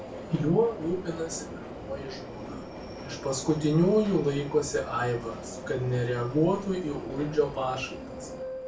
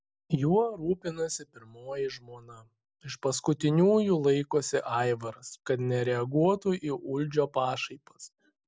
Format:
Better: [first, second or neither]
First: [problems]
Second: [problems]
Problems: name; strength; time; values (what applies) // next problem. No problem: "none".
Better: second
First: background sound (Subway, metro, underground); 11 dB below the speech // room echo; dies away in 0.3 s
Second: none